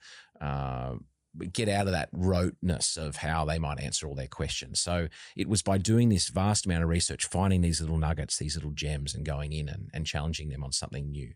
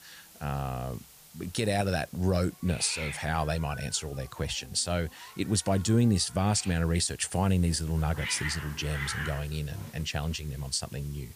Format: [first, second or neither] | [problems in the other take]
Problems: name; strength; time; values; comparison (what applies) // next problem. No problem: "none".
first | hiss; noticeable; throughout; 15 dB below the speech